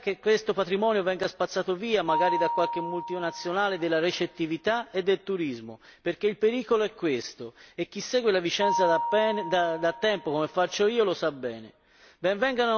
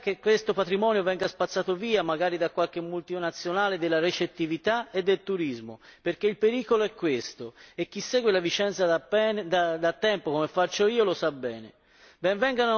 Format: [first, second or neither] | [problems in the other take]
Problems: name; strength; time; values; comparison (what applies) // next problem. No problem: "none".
second | background sound (Mallet percussion); 9 dB below the speech